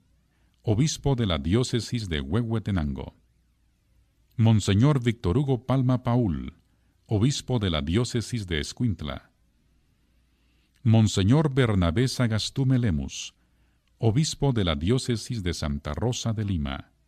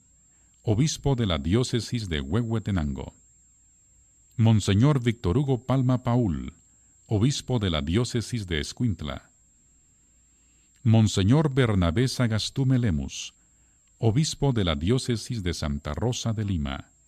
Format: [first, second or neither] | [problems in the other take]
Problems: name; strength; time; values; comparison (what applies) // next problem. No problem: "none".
first | high-pitched whine; faint; throughout; 7.5 kHz, 35 dB below the speech